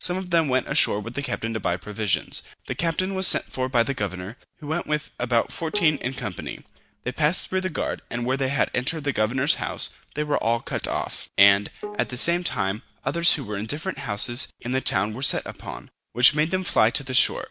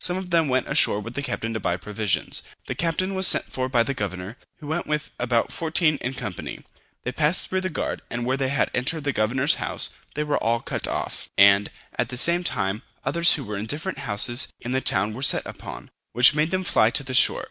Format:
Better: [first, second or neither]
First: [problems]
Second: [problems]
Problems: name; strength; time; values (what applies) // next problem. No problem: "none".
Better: second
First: background sound (Bowed string instrument); 16 dB below the speech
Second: none